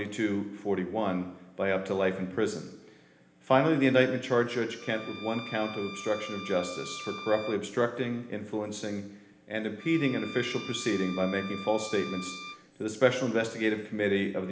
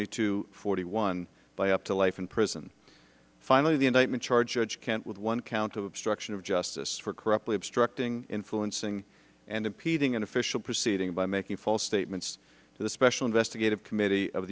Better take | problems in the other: second | background sound (Bowed string instrument); 14 dB below the speech // room echo; dies away in 1.1 s

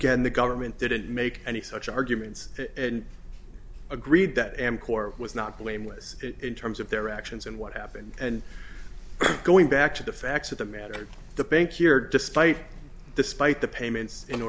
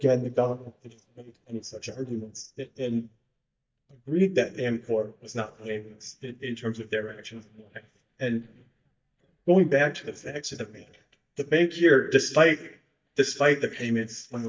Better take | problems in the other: first | noise reduction (neural mask model DeepFilterNet 3)

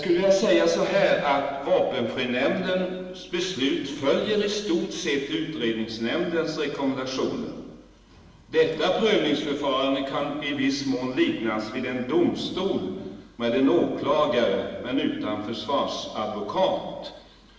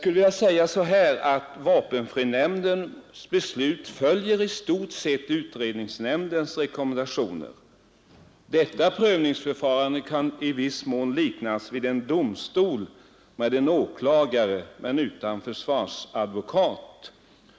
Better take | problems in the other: second | room echo; dies away in 1.3 s

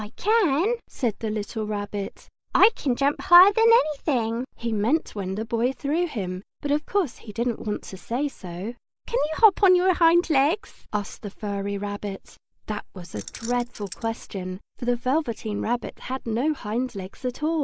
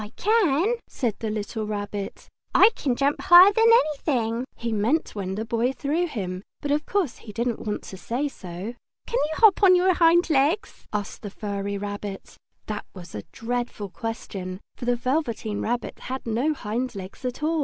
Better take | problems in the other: second | noise reduction (neural mask model Resemble Enhance denoiser)

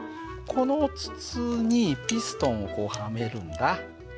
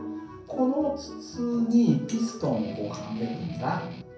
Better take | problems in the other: first | background sound (Strum); 13 dB below the speech // room echo; dies away in 0.6 s

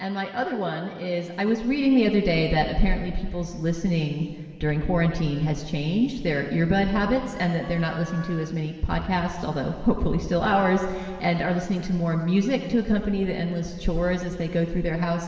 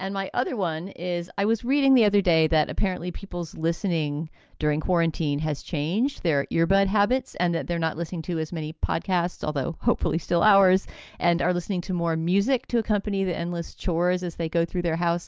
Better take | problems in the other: second | background sound (Wind instrument, woodwind instrument); 20 dB below the speech // room echo; dies away in 2.1 s

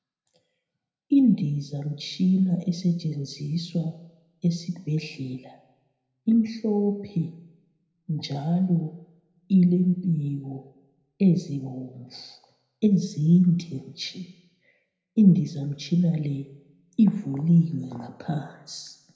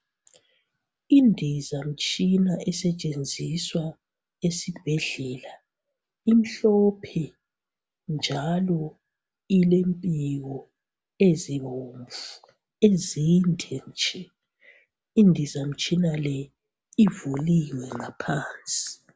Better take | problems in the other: second | room echo; dies away in 0.8 s

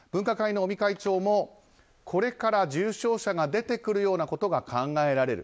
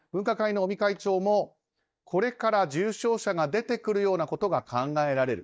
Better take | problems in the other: first | noise reduction (neural mask model DeepFilterNet 3)

